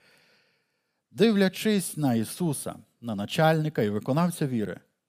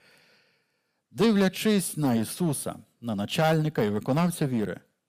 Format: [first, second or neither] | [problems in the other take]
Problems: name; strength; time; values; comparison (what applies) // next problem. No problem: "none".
first | distortion; slight; 6% of the sound clipped